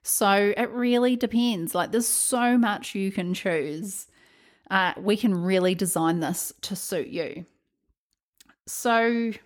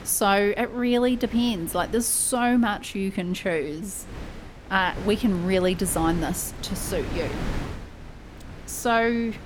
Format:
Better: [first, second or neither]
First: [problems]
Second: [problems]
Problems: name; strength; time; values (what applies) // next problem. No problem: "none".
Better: first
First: none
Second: wind noise on the microphone; occasional gusts; 15 dB below the speech